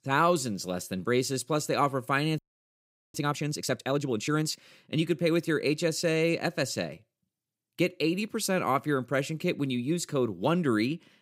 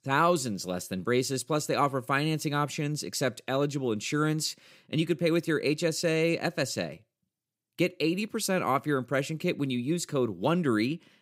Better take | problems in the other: second | audio freezing; at 2.5 s for 1 s

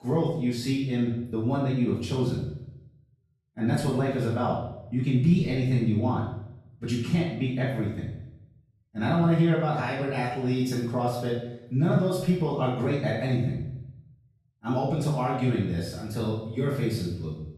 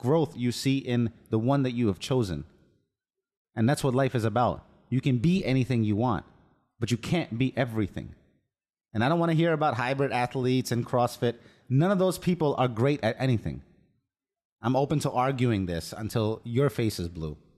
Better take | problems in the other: second | off-mic speech; far // room echo; noticeable; dies away in 0.7 s

